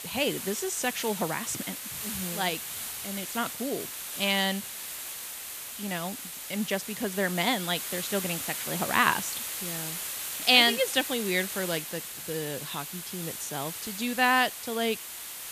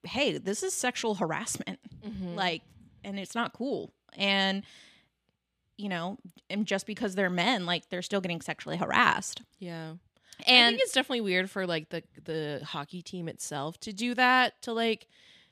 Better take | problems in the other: second | hiss; loud; throughout; 6 dB below the speech

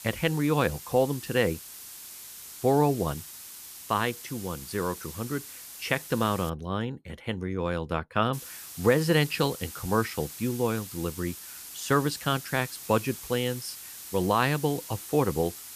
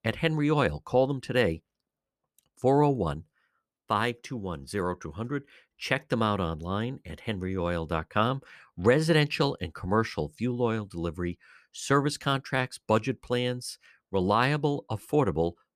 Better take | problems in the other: second | hiss; noticeable; until 6.5 s and from 8.5 s on; 10 dB below the speech

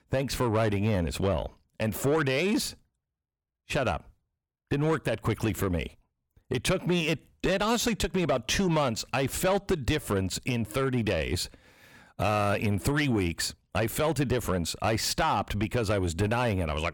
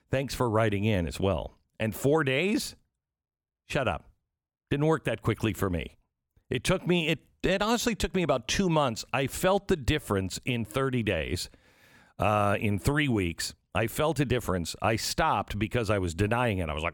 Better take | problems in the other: second | distortion; slight; 10 dB below the speech

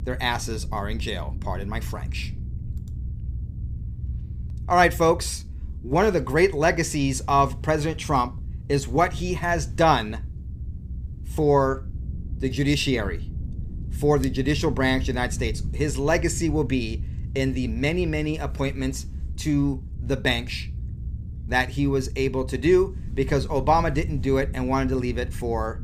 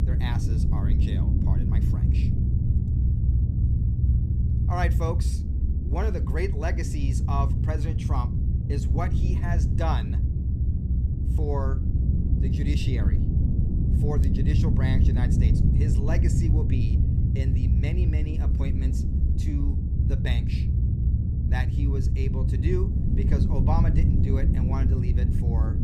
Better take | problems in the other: first | low rumble; loud; throughout; 1 dB below the speech; faint in the first

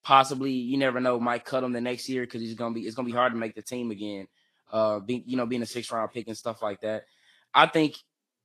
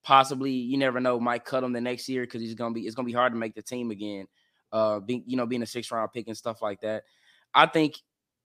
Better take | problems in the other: second | garbled, watery; slightly; nothing above 13 kHz

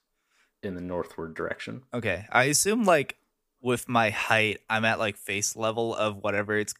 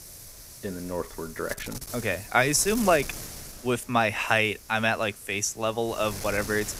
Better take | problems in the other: first | wind noise on the microphone; occasional gusts; 15 dB below the speech

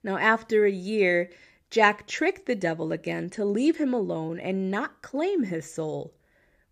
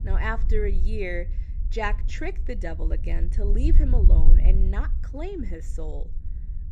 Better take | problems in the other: first | low rumble; noticeable; throughout; 15 dB below the speech

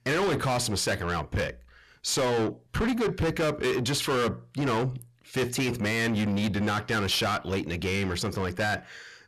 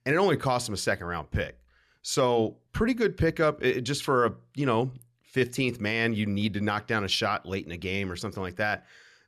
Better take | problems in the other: second | distortion; heavy; 6 dB below the speech

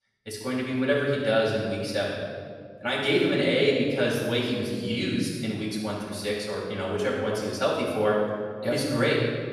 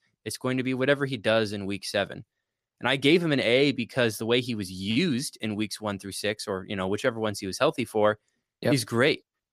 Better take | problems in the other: second | off-mic speech; far // room echo; strong; dies away in 1.6 s

